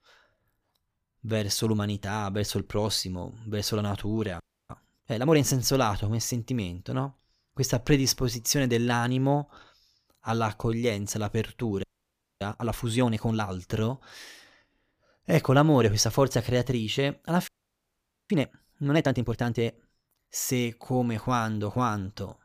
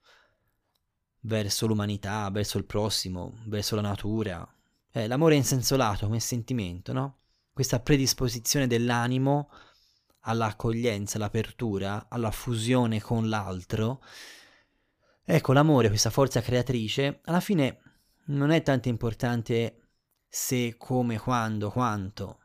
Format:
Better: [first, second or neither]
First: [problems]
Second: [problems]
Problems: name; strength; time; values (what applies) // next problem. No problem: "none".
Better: second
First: audio freezing; at 4.5 s, at 12 s for 0.5 s and at 17 s for 1 s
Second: none